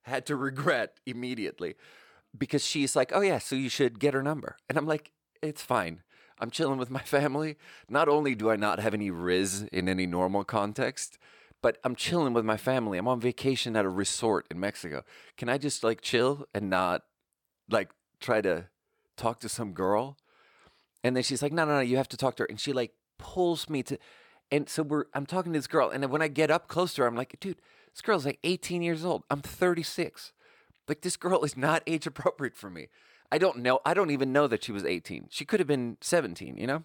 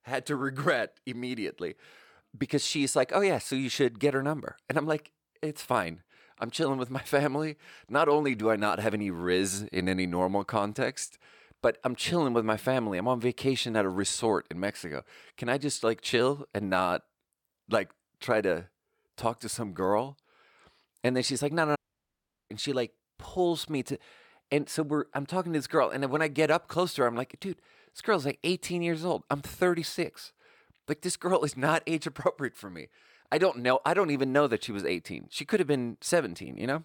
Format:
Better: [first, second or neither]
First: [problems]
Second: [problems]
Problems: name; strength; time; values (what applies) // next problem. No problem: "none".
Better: first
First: none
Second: audio cutting out; at 22 s for 0.5 s